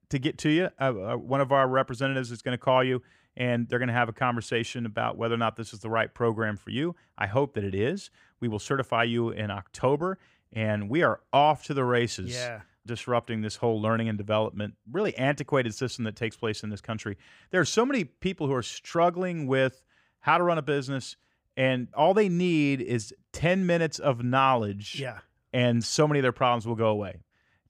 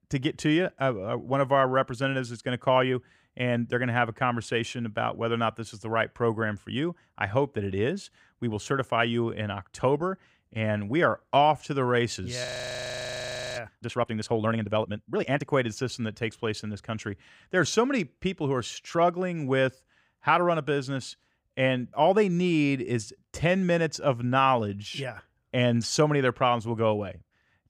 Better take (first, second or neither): first